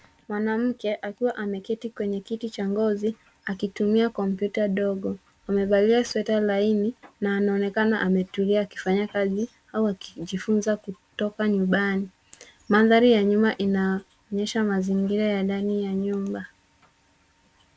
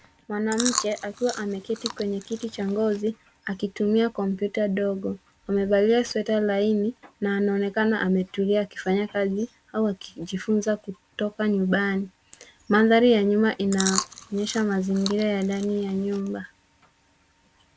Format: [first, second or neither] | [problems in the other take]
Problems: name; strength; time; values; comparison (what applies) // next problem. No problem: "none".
first | background sound (Chewing, mastication); 9 dB below the speech